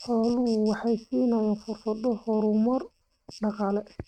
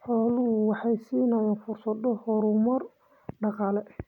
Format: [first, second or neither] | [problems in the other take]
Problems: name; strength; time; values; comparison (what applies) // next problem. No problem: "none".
second | noise reduction (neural mask model RNNoise)